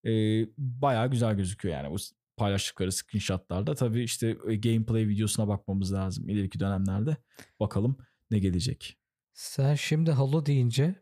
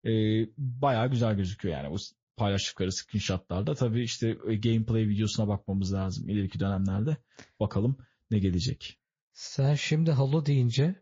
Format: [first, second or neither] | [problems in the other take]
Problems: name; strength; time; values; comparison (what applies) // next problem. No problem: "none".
first | garbled, watery; slightly